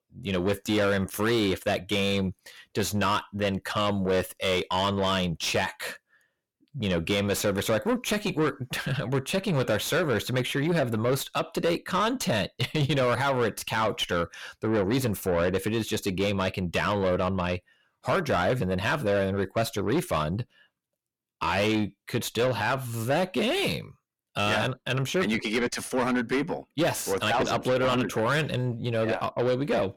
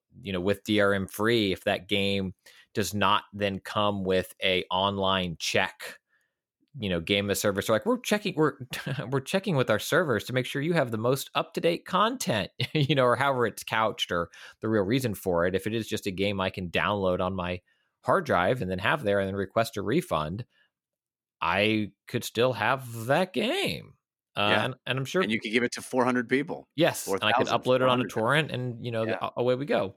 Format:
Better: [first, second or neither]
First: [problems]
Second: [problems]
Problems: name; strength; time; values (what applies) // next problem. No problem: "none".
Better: second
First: distortion; heavy; 7 dB below the speech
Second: none